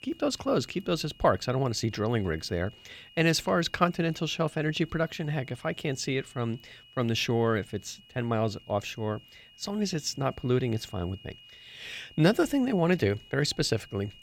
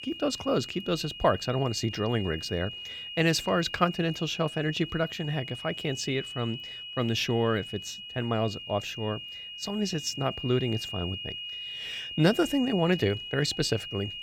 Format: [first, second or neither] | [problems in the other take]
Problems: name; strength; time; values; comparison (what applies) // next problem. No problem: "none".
first | high-pitched whine; loud; throughout; 3 kHz, 8 dB below the speech; faint in the first